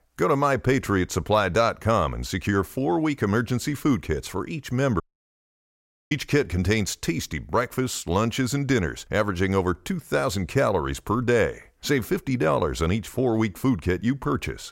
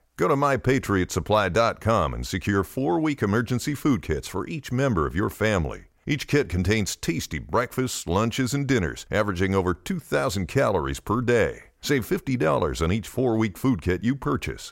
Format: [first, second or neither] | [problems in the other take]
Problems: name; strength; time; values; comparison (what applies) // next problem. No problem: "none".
second | audio cutting out; at 5 s for 1 s